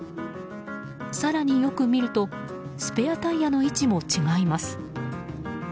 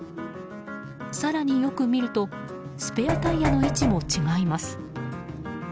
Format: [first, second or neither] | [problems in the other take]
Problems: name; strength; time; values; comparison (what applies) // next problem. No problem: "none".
first | background sound (Knock); 1 dB below the speech